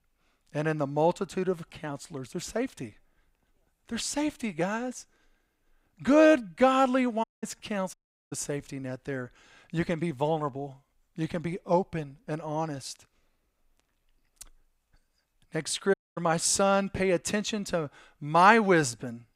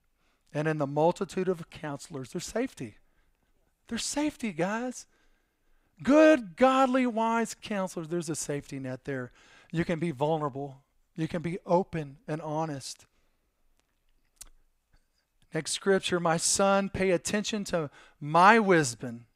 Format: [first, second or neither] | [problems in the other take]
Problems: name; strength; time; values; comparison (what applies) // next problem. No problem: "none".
second | audio cutting out; at 7 s, at 8 s and at 16 s